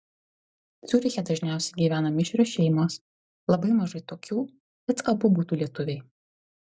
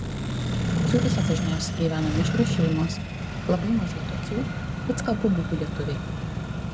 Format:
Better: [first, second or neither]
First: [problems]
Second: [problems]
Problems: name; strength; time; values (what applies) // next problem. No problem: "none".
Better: first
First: none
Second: background sound (Accelerating, revving, vroom); 1 dB above the speech